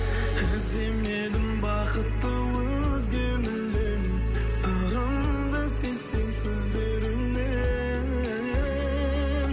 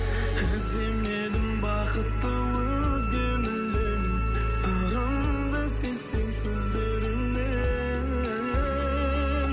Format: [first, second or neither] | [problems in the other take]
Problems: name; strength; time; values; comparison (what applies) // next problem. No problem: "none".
first | background sound (Wind instrument, woodwind instrument); 12 dB below the speech